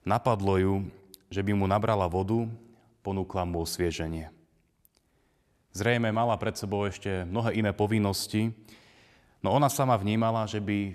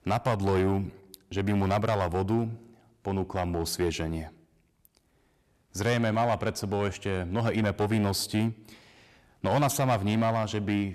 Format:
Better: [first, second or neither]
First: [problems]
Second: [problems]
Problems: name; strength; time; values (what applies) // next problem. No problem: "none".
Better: first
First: none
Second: distortion; slight; 5% of the sound clipped